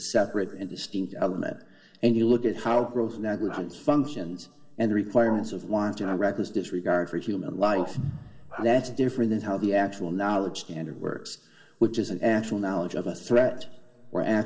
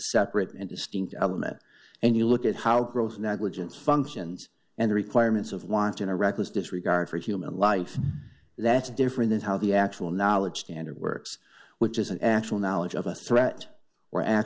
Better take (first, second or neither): second